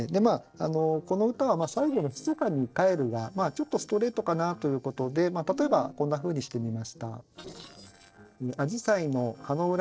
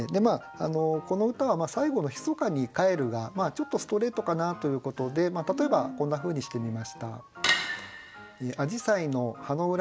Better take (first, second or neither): second